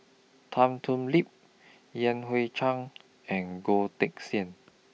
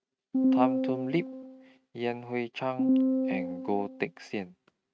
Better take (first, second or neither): first